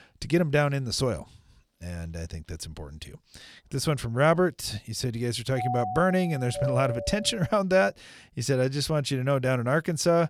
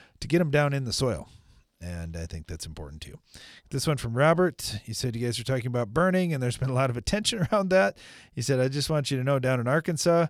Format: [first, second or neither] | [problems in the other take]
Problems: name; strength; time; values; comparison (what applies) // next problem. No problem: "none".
second | doorbell; noticeable; from 5.5 to 7.5 s; peak 4 dB below the speech